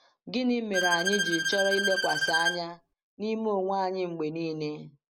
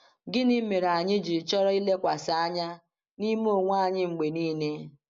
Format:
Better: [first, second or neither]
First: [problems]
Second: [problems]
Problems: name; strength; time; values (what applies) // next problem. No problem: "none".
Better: second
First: background sound (Bowed string instrument); 1 dB above the speech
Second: none